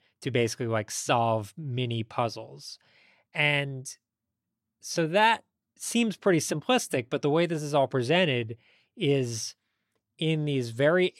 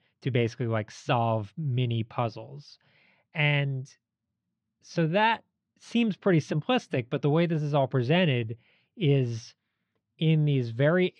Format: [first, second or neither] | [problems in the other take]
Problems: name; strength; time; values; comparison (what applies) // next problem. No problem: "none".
first | muffled; slightly; fading above 4 kHz